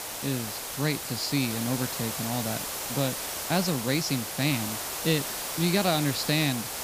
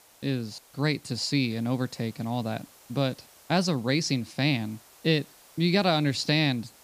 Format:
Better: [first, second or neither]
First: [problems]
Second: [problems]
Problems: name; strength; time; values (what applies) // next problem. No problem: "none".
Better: second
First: hiss; loud; throughout; 3 dB below the speech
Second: hiss; faint; throughout; 25 dB below the speech